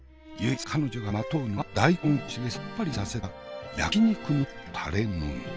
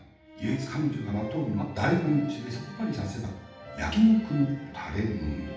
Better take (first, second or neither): first